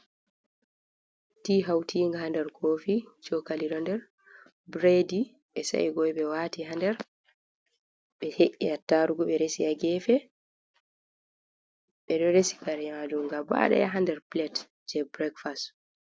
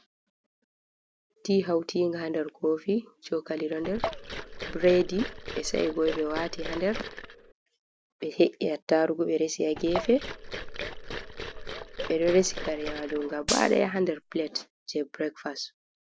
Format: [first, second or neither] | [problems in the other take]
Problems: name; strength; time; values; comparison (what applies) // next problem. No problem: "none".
first | background sound (Gunshot, gunfire + Liquid); 7 dB below the speech